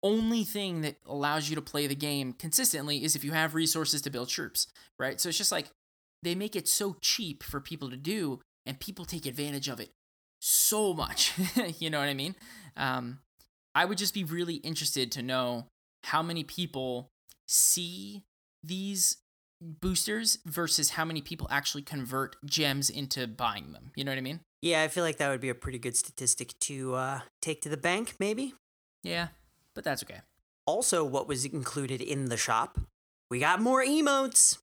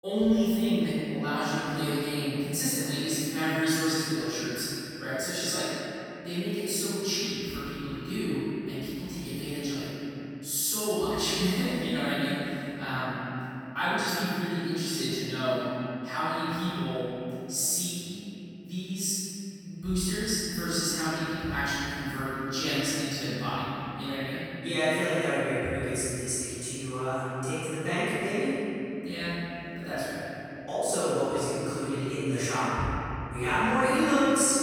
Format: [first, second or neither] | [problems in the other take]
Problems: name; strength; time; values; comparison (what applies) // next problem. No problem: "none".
first | off-mic speech; far // room echo; strong; dies away in 3 s